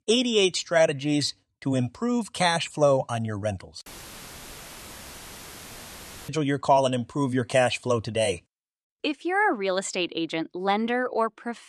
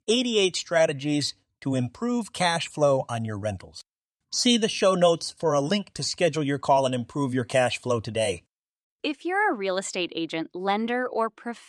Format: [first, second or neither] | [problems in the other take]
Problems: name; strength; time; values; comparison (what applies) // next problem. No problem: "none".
second | audio cutting out; filled with static; at 4 s for 2.5 s